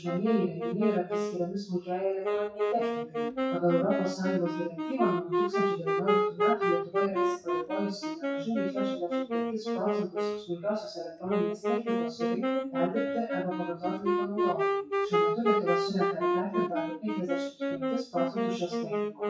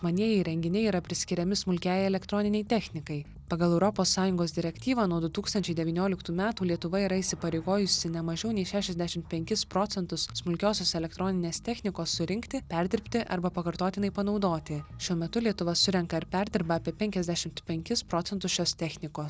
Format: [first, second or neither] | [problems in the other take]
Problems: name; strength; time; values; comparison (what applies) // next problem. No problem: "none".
second | noise reduction (classical method WPE with log-MMSE)